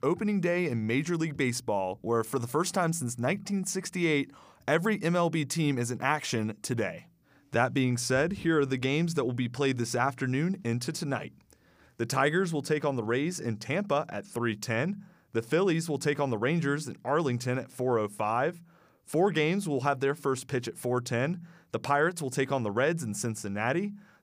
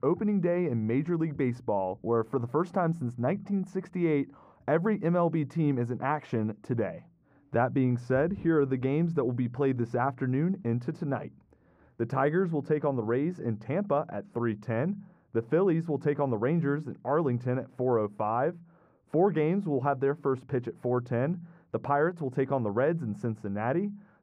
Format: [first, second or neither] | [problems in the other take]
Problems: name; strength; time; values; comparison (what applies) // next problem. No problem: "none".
first | muffled; very; fading above 2.5 kHz